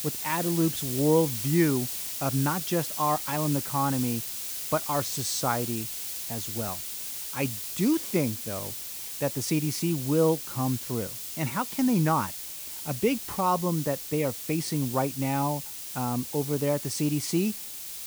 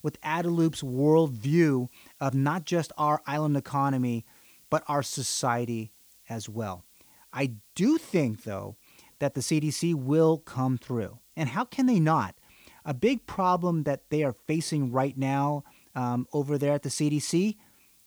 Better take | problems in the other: second | hiss; loud; throughout; 5 dB below the speech; faint in the second

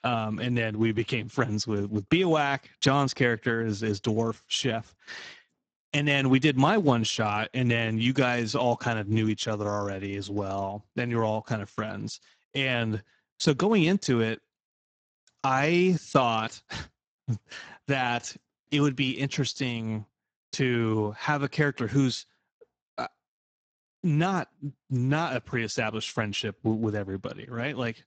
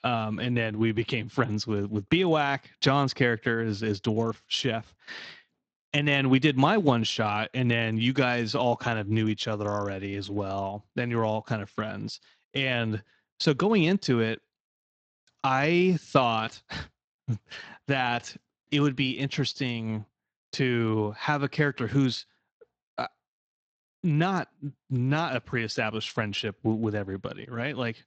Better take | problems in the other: second | garbled, watery; badly; nothing above 7.5 kHz; slightly in the second

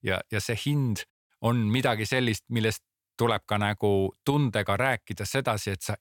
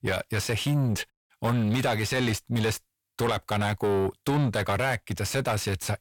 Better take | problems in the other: first | distortion; heavy; 8 dB below the speech

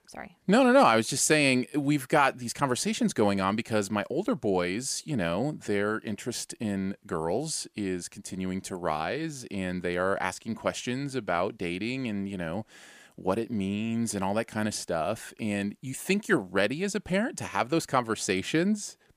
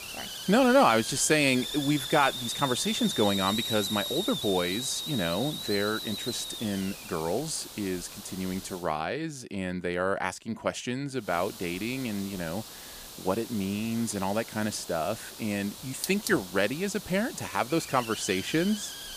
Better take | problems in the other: first | hiss; loud; until 9 s and from 11 s on; 7 dB below the speech

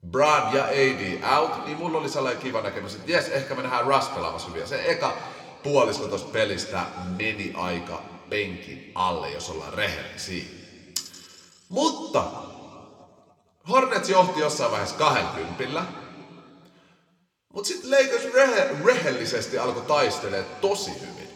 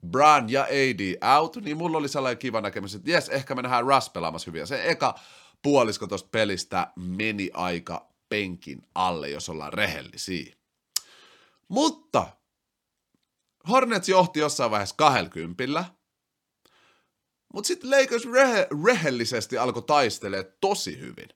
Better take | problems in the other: second | room echo; slight; dies away in 2.2 s

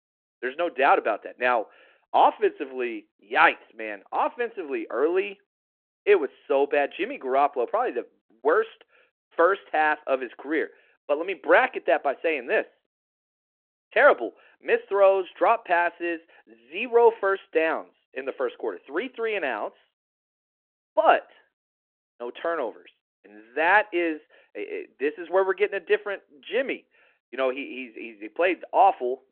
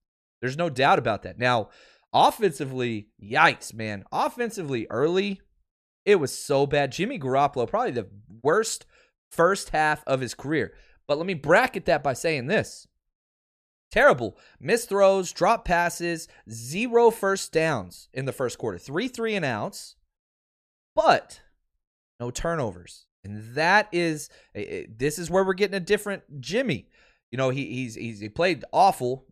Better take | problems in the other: second | phone-call audio

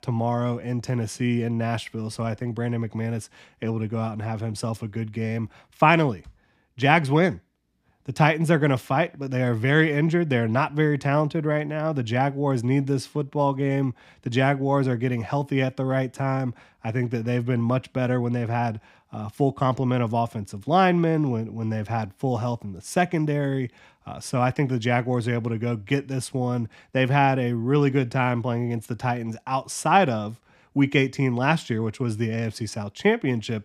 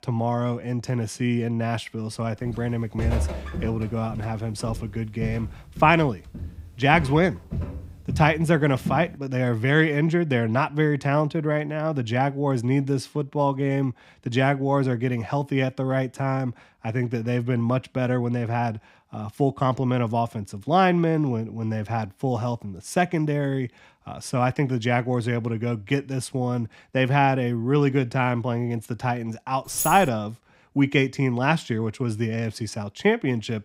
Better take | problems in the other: first | footsteps; noticeable; from 2.5 to 9 s; peak 2 dB below the speech // jangling keys; noticeable; at 30 s; peak 3 dB below the speech

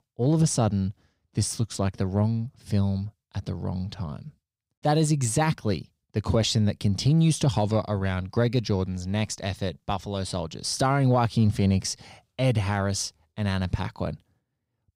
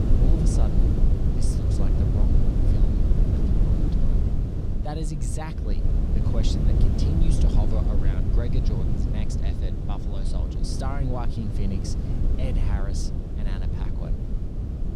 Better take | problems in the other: first | wind noise on the microphone; heavy; 2 dB above the speech

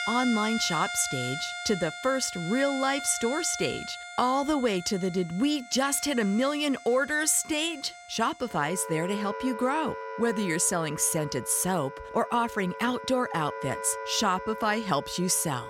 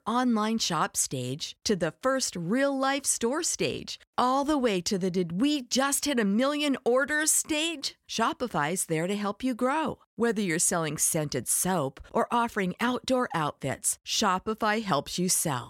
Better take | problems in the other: second | background music; loud; throughout; 10 dB below the speech

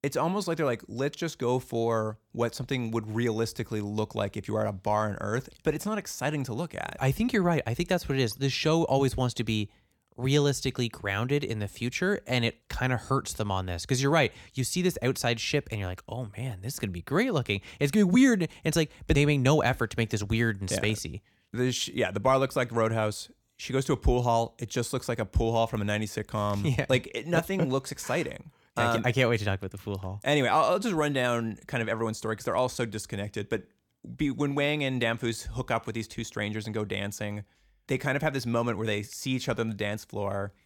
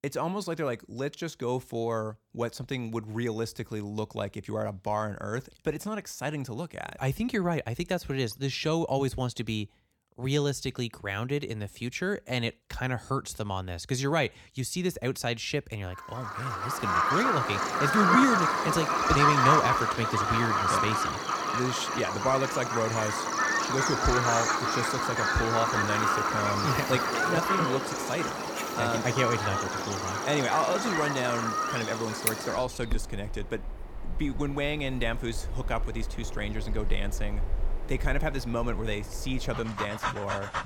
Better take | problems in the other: first | animal sounds; very loud; from 17 s on; 3 dB above the speech

